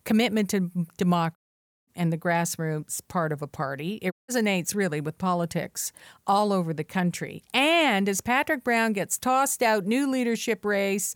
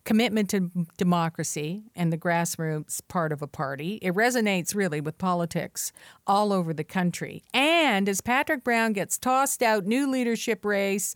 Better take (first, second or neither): second